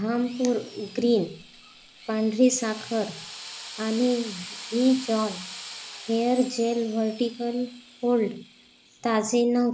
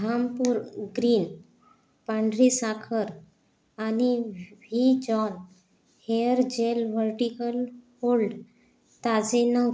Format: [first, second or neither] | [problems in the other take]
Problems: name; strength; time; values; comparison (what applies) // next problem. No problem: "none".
second | background sound (Drill); 16 dB below the speech